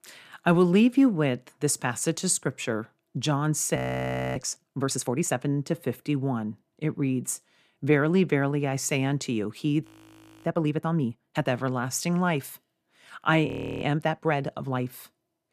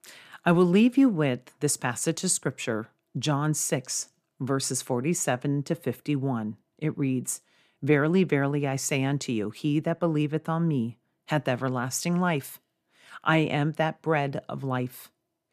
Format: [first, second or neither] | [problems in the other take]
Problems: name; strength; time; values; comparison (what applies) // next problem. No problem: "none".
second | audio freezing; at 4 s for 0.5 s, at 10 s for 0.5 s and at 13 s